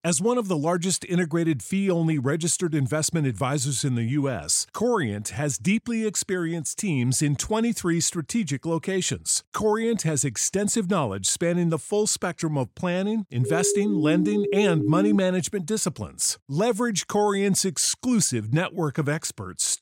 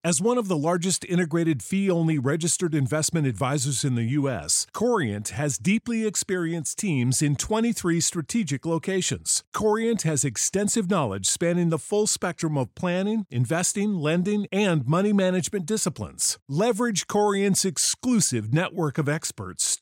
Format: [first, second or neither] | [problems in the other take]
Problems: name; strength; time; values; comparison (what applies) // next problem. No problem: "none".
second | siren; noticeable; from 13 to 15 s; peak 1 dB below the speech